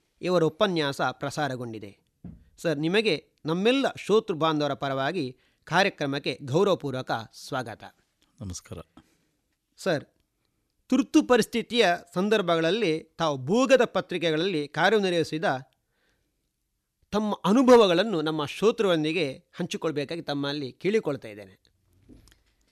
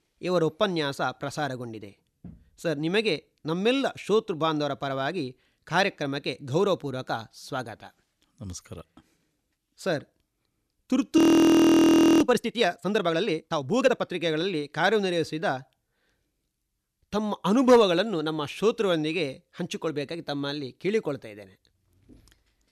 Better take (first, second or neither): first